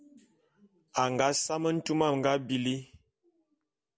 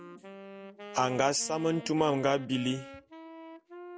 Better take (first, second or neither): first